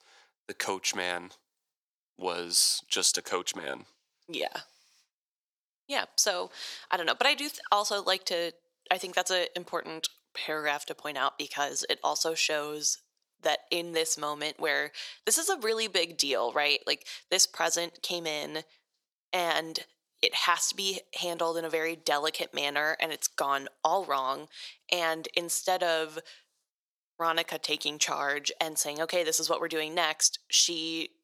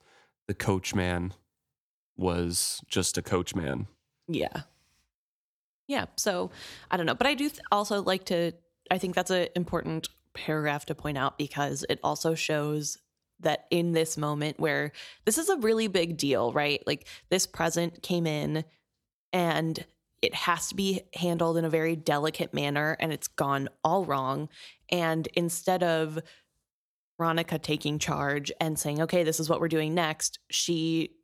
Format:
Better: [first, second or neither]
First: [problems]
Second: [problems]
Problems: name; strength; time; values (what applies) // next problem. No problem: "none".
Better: second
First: thin; very; fading below 550 Hz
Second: none